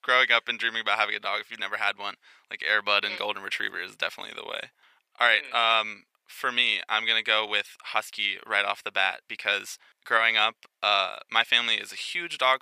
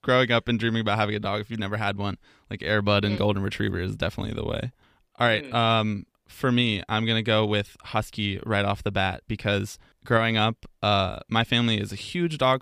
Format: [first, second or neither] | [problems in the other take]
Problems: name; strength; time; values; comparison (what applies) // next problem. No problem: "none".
second | thin; very; fading below 850 Hz